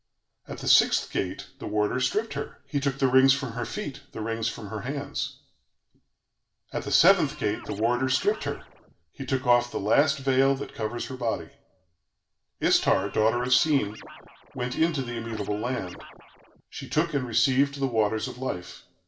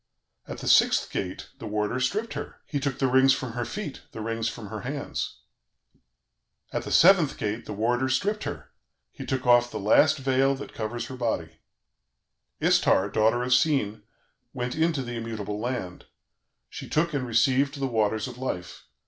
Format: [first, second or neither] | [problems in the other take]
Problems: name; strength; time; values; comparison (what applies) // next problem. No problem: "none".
second | background sound (Scratching (performance technique)); 18 dB below the speech // room echo; dies away in 0.3 s